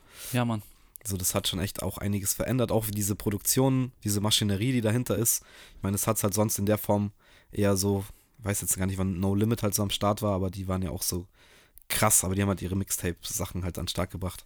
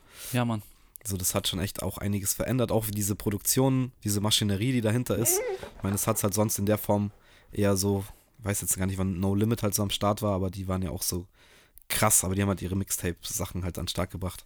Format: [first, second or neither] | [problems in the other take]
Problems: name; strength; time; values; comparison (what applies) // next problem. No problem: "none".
first | dog barking; noticeable; from 5 to 6 s; peak 4 dB below the speech